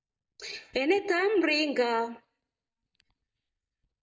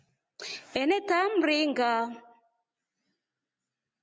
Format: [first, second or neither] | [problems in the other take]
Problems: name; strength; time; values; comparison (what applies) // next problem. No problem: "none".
second | noise reduction (neural mask model DeepFilterNet 3)